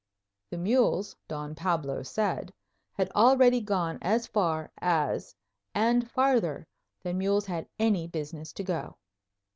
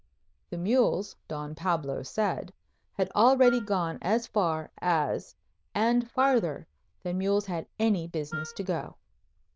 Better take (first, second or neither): first